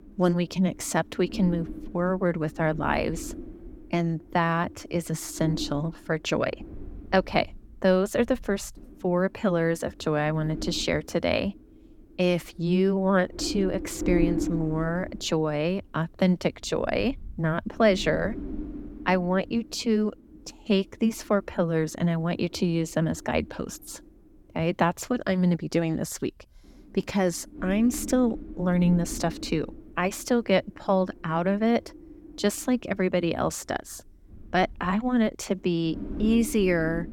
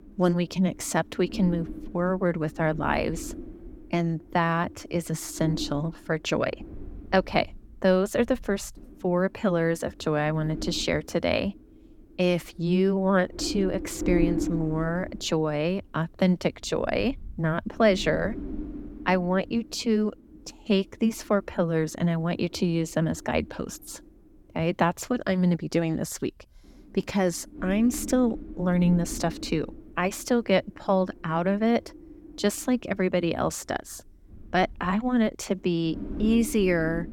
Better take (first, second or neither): neither